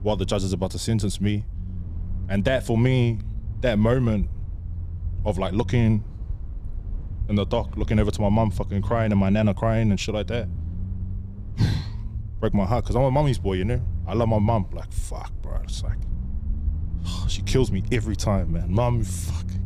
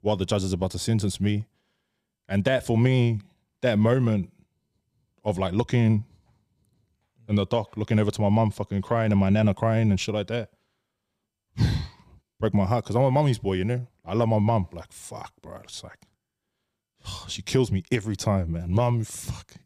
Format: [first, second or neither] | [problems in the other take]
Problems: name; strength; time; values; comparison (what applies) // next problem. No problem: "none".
second | low rumble; faint; throughout; 20 dB below the speech